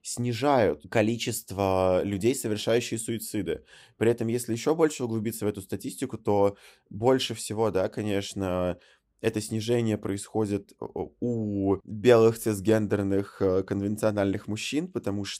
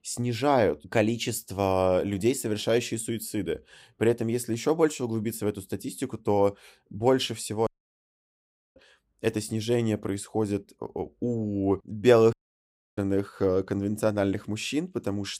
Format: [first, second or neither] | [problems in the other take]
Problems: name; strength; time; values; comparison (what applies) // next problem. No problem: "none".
first | audio cutting out; at 7.5 s for 1 s and at 12 s for 0.5 s